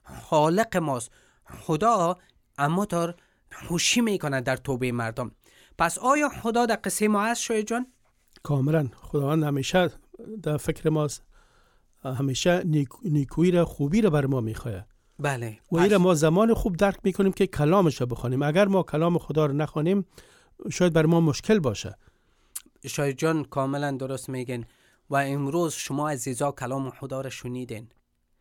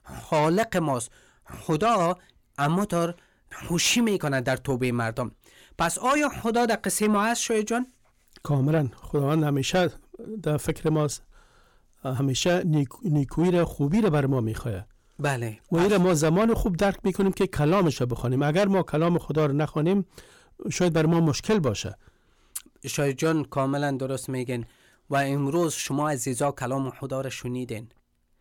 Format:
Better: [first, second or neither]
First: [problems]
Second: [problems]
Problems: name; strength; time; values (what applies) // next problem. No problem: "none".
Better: first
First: none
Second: distortion; slight; 10 dB below the speech